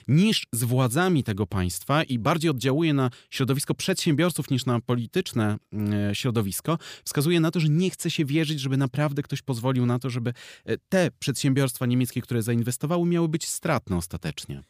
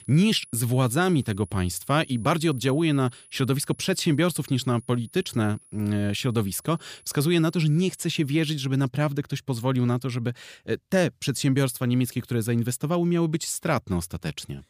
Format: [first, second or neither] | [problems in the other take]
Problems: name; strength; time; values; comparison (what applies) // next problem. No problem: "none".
first | high-pitched whine; faint; until 8.5 s; 10.5 kHz, 25 dB below the speech